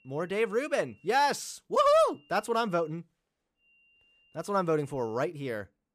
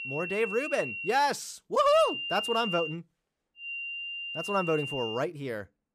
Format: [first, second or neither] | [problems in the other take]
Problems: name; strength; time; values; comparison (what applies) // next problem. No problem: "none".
first | high-pitched whine; loud; until 1 s, from 2 to 3 s and from 3.5 to 5 s; 3 kHz, 6 dB below the speech; faint in the first